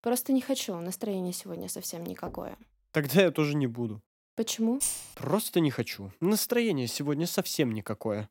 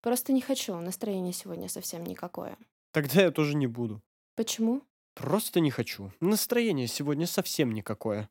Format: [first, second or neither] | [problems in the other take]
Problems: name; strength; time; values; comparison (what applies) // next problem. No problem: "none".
second | door banging; faint; at 2.5 s; peak 15 dB below the speech // jangling keys; noticeable; at 5 s; peak level with the speech